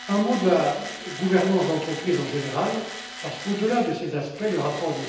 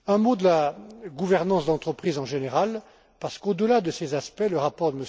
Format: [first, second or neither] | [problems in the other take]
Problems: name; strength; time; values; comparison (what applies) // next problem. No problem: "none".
second | background sound (Tools); 13 dB below the speech // room echo; dies away in 0.9 s